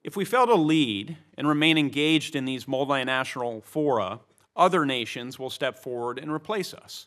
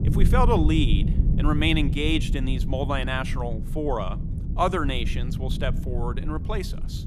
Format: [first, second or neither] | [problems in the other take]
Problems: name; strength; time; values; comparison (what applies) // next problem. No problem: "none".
first | low rumble; noticeable; throughout; 10 dB below the speech